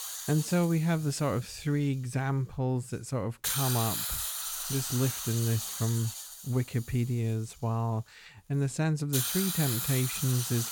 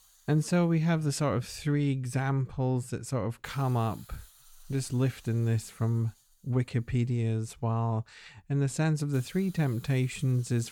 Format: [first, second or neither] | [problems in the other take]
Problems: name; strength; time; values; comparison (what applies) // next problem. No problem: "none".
second | hiss; loud; throughout; 2 dB below the speech; faint in the second